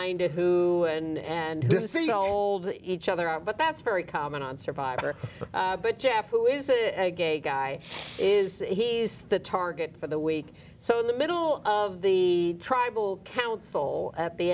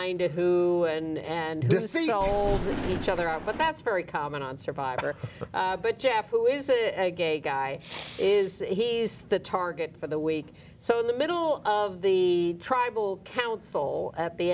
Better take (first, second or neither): first